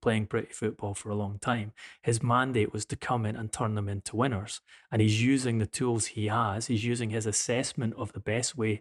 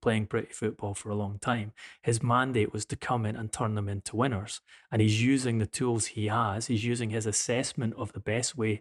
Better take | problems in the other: neither | none

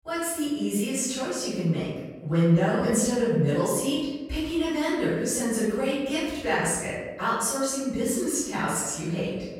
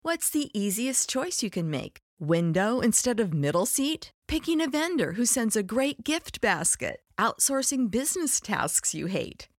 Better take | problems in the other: second | off-mic speech; far // room echo; strong; dies away in 1.1 s

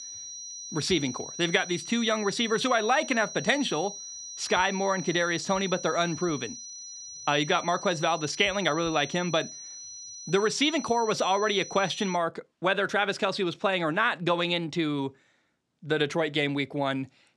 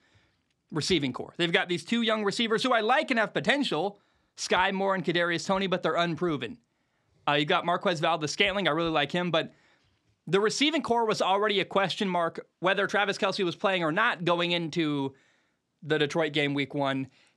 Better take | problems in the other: second | high-pitched whine; noticeable; until 12 s; 6 kHz, 10 dB below the speech

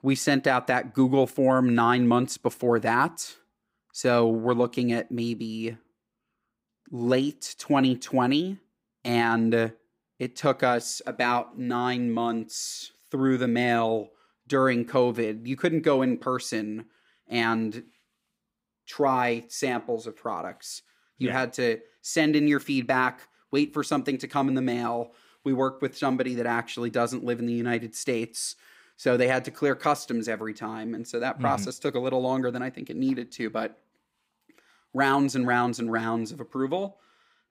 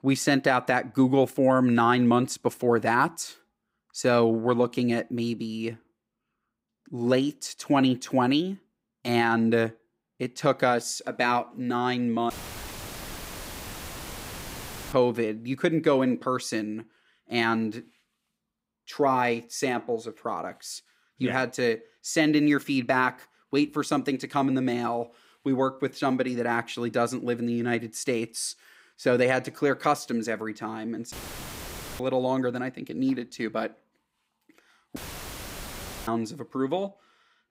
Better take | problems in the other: first | audio cutting out; filled with static; at 12 s for 2.5 s, at 31 s for 1 s and at 35 s for 1 s

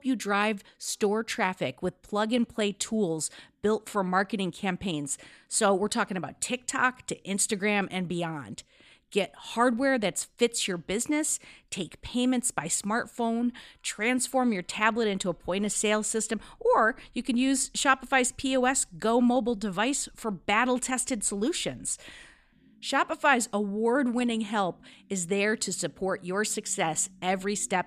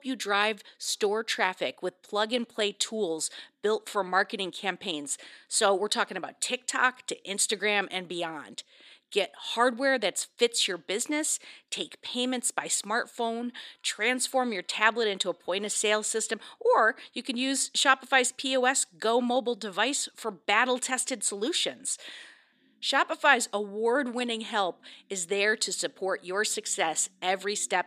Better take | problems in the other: first | thin; somewhat; fading below 400 Hz

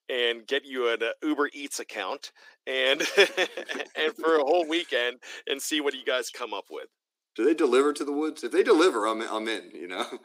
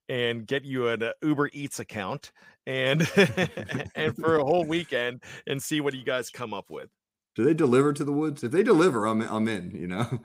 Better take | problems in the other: second | thin; somewhat; fading below 300 Hz

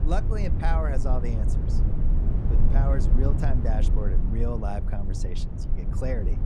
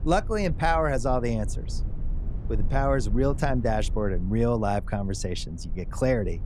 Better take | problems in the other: second | low rumble; loud; throughout; 5 dB below the speech; faint in the second

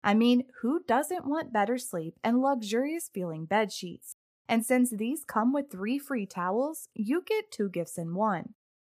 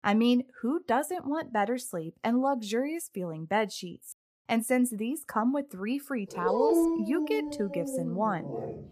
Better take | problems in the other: first | dog barking; loud; from 6.5 s on; peak 5 dB above the speech

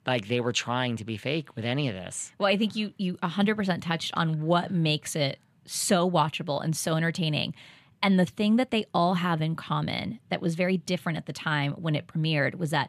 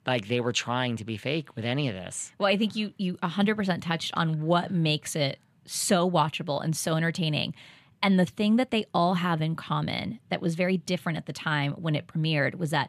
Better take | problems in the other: neither | none

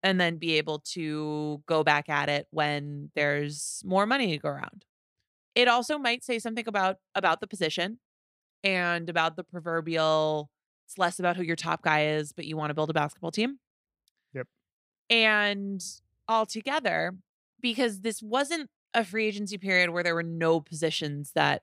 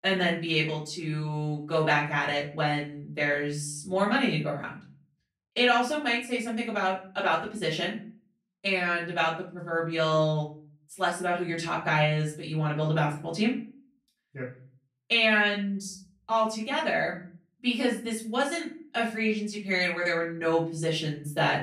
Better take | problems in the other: first | off-mic speech; far // room echo; slight; dies away in 0.4 s

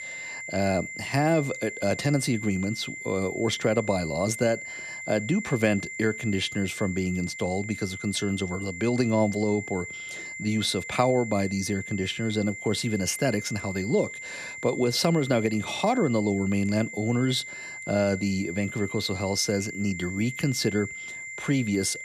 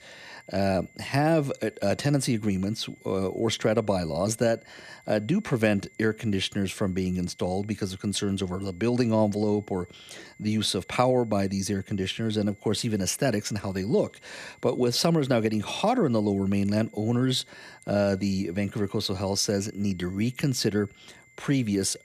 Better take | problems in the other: second | high-pitched whine; loud; throughout; 2 kHz, 9 dB below the speech; faint in the second

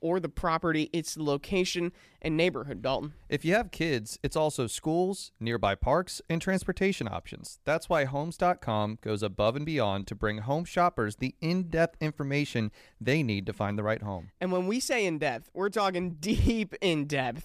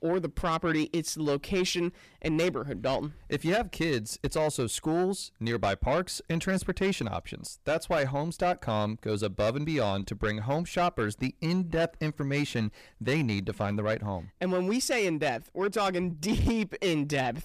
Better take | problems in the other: first | distortion; slight; 10 dB below the speech

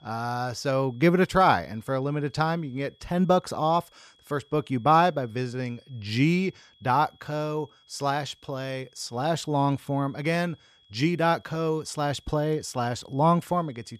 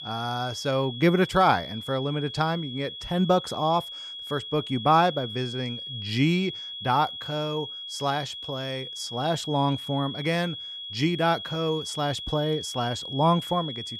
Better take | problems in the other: first | high-pitched whine; loud; throughout; 3.5 kHz, 8 dB below the speech; faint in the first

